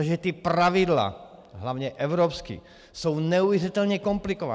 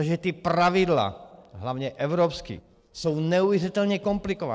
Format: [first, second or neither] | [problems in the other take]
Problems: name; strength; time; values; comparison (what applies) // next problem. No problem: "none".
first | noise reduction (neural separator model SepFormer DNS4)